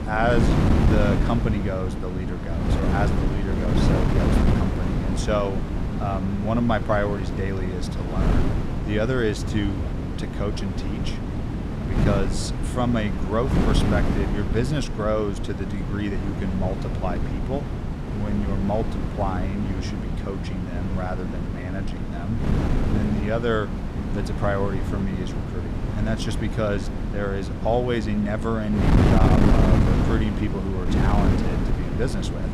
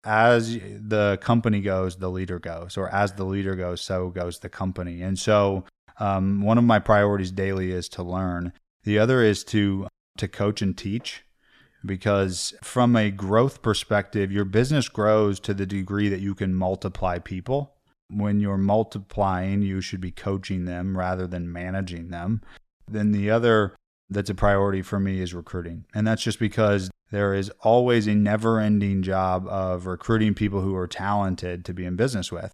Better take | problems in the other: second | wind noise on the microphone; heavy; 2 dB below the speech

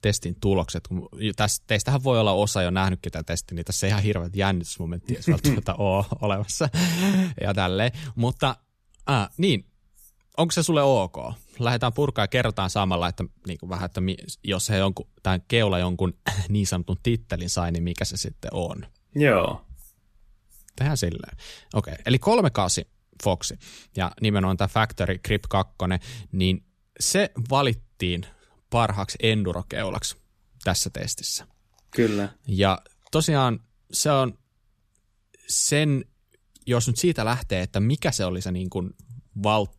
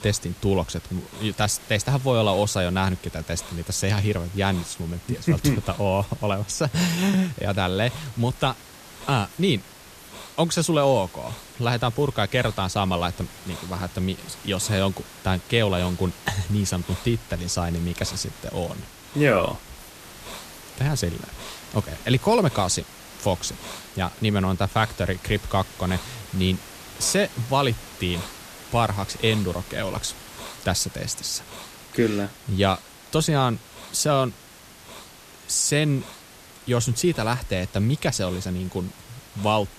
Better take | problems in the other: first | hiss; noticeable; throughout; 15 dB below the speech

